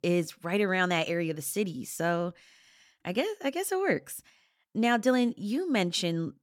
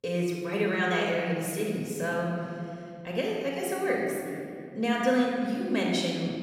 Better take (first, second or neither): first